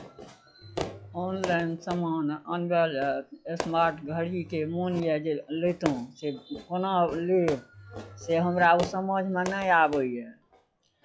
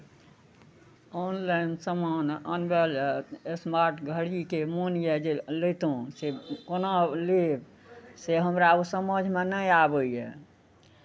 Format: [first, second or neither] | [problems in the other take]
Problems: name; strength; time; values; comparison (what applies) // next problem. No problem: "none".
second | noise reduction (classical method log-MMSE)